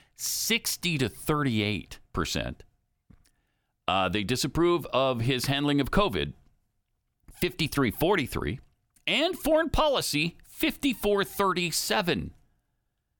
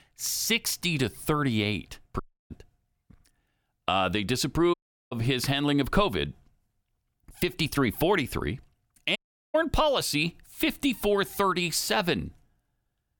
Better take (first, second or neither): first